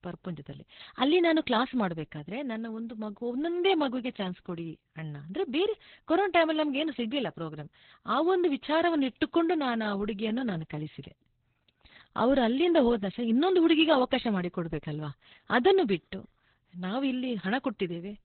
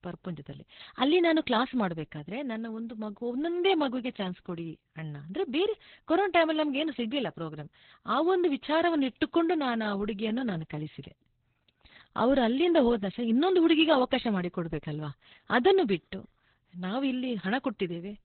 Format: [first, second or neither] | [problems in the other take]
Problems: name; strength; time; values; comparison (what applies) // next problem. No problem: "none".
neither | garbled, watery; badly; nothing above 4 kHz; the same in both